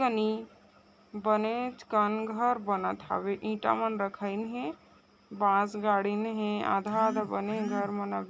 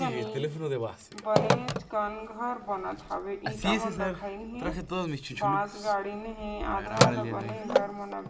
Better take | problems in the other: first | background sound (Telephone); 2 dB above the speech // room echo; dies away in 0.9 s

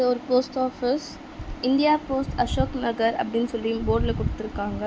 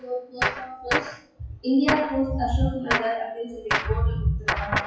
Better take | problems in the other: first | noise reduction (classical method WPE with log-MMSE)

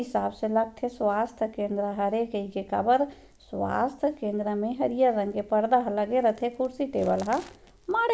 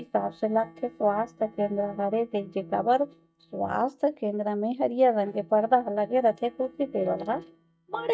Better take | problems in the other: first | noise reduction (neural mask model DeepFilterNet 3)

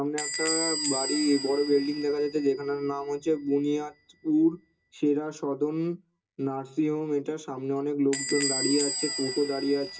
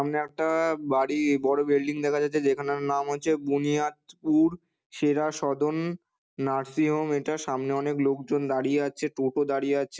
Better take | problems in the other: second | background sound (Squeak / Bell); 7 dB below the speech // room echo; dies away in 0.2 s

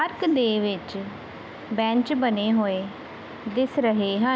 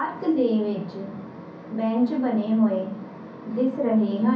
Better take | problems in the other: first | room echo; dies away in 0.6 s

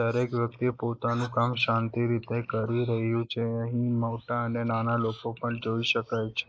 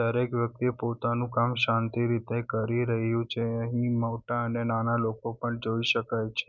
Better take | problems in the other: second | noise reduction (neural mask model Resemble Enhance denoiser)

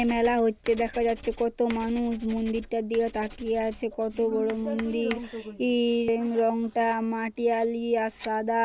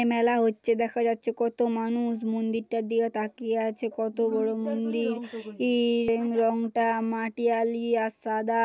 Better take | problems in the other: second | background sound (Writing); 19 dB below the speech

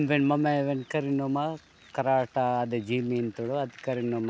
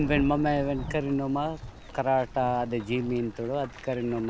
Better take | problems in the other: first | background sound (Rain / Thunderstorm); 12 dB below the speech

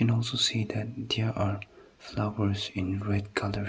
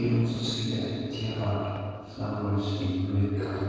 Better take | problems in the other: first | noise reduction (neural separator model SepFormer DNS4)

